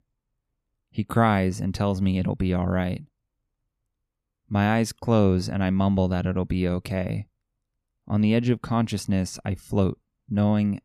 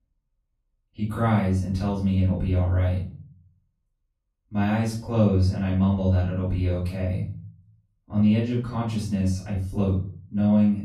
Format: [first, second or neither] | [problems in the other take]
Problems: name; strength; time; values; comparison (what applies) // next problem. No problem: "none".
first | off-mic speech; far // room echo; noticeable; dies away in 0.5 s